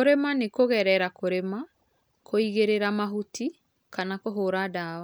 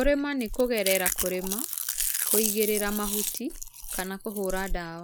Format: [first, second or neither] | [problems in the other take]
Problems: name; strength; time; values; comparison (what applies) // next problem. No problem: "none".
first | background sound (Chewing, mastication); 2 dB below the speech